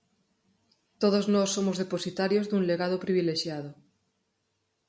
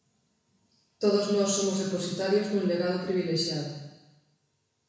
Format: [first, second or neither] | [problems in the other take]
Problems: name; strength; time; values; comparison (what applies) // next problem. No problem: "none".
first | room echo; dies away in 1 s